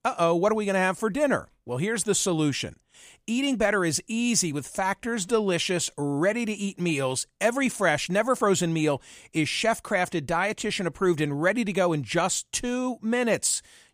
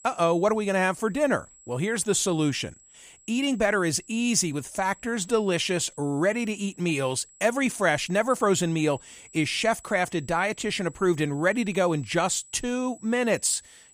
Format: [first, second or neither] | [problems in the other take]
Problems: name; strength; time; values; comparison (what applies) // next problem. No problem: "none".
first | high-pitched whine; faint; throughout; 7.5 kHz, 25 dB below the speech